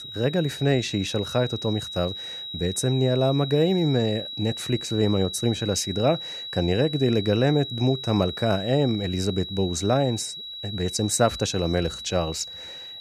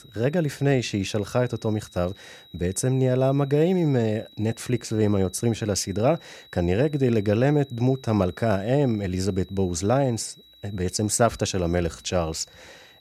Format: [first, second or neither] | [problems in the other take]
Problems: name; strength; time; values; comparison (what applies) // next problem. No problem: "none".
second | high-pitched whine; loud; throughout; 4 kHz, 8 dB below the speech; faint in the second